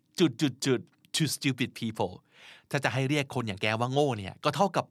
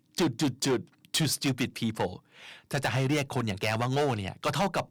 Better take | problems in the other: first | distortion; heavy; 8% of the sound clipped

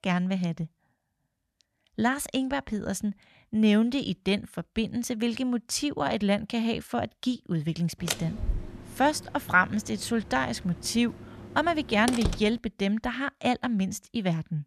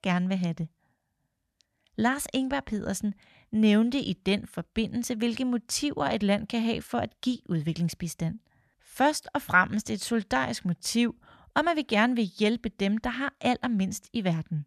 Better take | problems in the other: second | door banging; noticeable; from 8 to 12 s; peak 3 dB below the speech

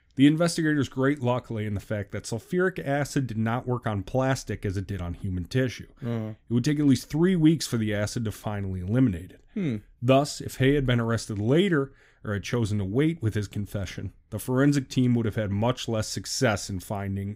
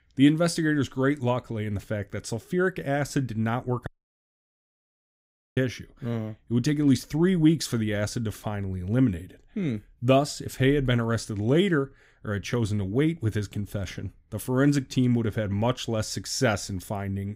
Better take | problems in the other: first | audio cutting out; at 4 s for 1.5 s

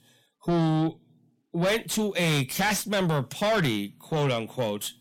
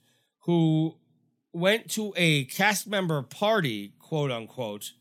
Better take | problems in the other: second | distortion; heavy; 5 dB below the speech

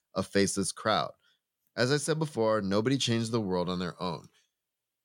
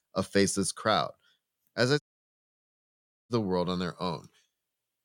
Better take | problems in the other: first | audio cutting out; at 2 s for 1.5 s

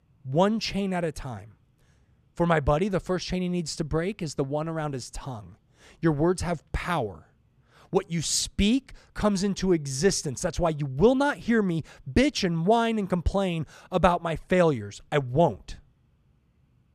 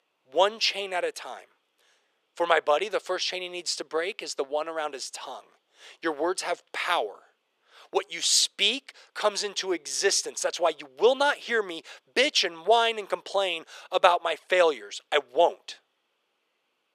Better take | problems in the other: first | thin; very; fading below 400 Hz

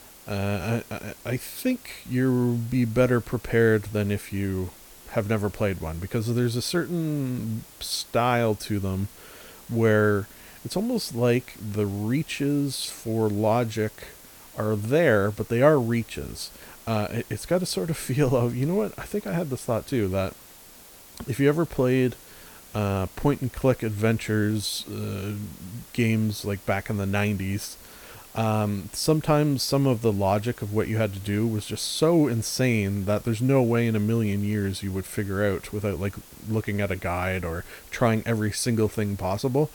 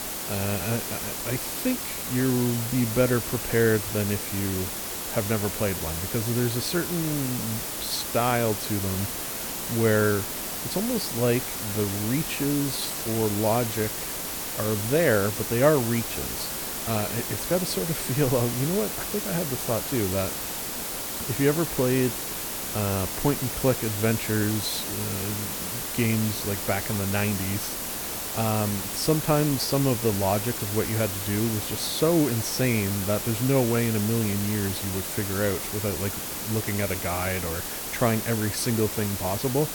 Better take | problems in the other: first | hiss; loud; throughout; 3 dB below the speech; faint in the first

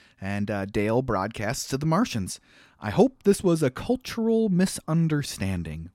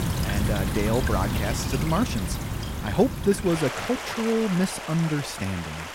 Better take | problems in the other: first | rain or running water; loud; throughout; 3 dB below the speech

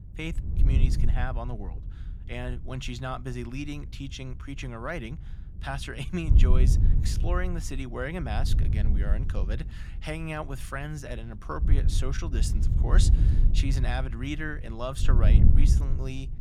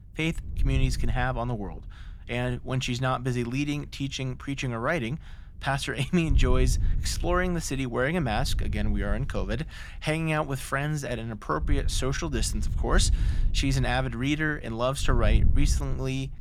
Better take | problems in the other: second | wind noise on the microphone; heavy; 6 dB below the speech; occasional gusts in the second

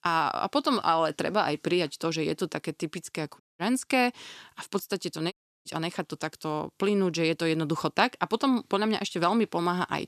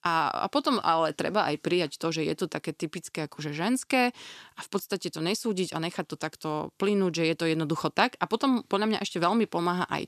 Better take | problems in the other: second | audio cutting out; at 3.5 s and at 5.5 s

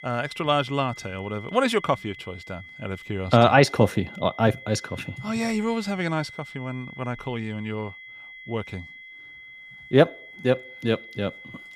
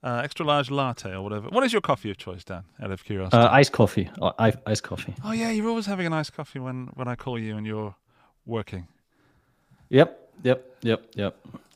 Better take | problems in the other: second | high-pitched whine; noticeable; throughout; 2 kHz, 15 dB below the speech

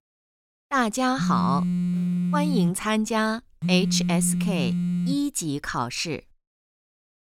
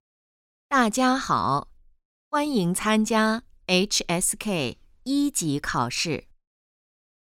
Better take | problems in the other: second | phone ringing; loud; from 1 to 5 s; peak 2 dB above the speech

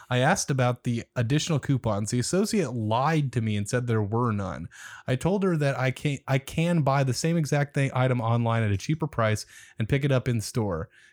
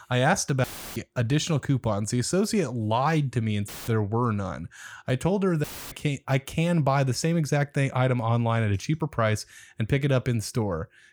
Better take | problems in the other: first | audio cutting out; filled with static; at 0.5 s, at 3.5 s and at 5.5 s

